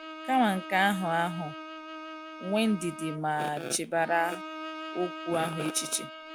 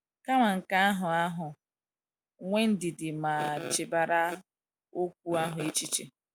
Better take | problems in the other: second | background sound (Bowed string instrument); 11 dB below the speech

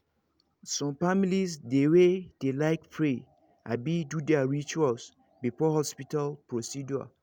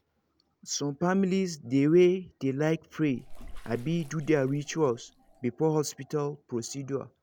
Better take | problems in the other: first | background sound (Bathtub (filling or washing) / Water / Splash, splatter); 16 dB below the speech

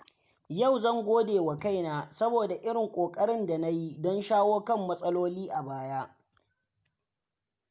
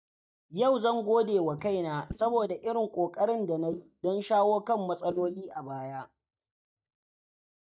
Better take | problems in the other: first | noise reduction (neural mask model DeepFilterNet 3)

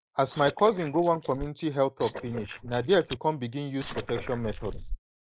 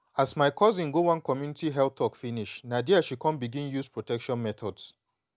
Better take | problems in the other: second | noise reduction (neural mask model Resemble Enhance denoiser)

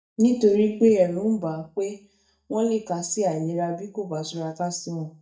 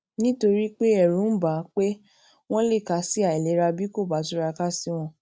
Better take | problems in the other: second | noise reduction (neural mask model DeepFilterNet 3)

